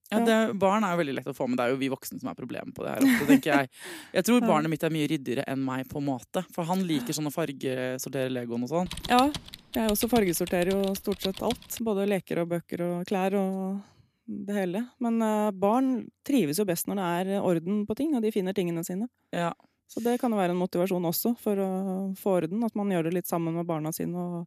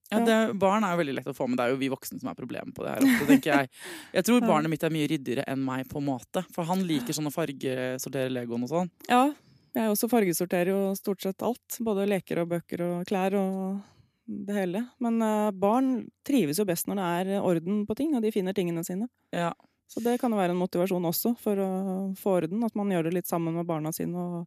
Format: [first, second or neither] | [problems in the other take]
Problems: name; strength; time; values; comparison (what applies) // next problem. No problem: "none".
second | keyboard typing; noticeable; from 9 to 12 s; peak 6 dB below the speech